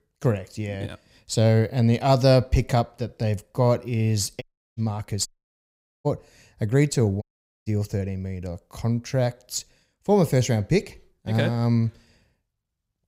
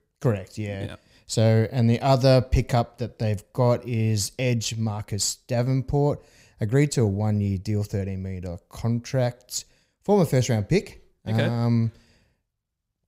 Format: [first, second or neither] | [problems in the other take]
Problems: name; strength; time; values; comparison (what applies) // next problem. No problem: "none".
second | audio cutting out; at 4.5 s, at 5.5 s for 1 s and at 7 s